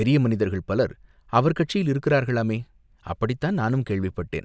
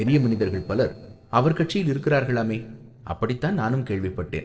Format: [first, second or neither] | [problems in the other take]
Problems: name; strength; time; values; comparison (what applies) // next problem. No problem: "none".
first | noise reduction (neural separator model SepFormer DNS4)